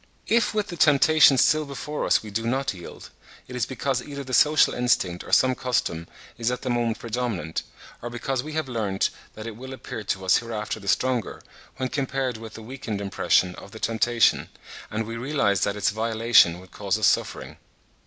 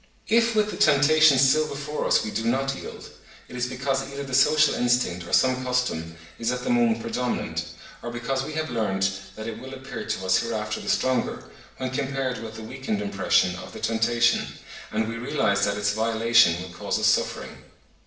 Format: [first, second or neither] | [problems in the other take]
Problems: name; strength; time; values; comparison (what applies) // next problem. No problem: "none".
first | room echo; dies away in 0.8 s